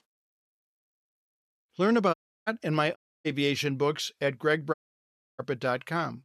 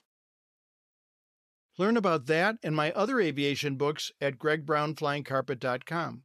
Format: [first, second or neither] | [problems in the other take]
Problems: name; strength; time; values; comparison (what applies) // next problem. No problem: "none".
second | audio cutting out; at 2 s, at 3 s and at 4.5 s for 0.5 s